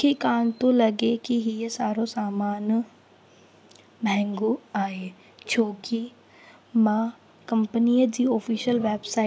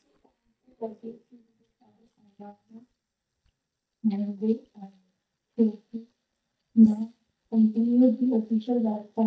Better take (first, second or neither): first